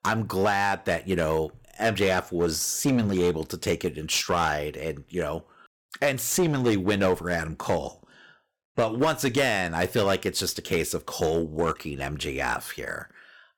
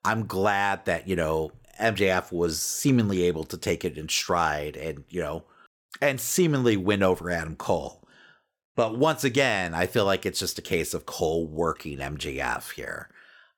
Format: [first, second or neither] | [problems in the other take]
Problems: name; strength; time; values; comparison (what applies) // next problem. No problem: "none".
second | distortion; slight; 6% of the sound clipped